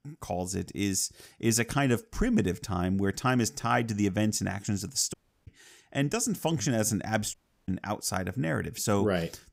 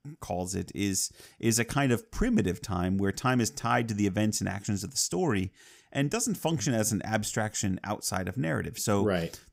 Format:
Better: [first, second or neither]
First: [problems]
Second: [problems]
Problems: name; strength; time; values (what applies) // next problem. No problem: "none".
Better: second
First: audio cutting out; at 5 s and at 7.5 s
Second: none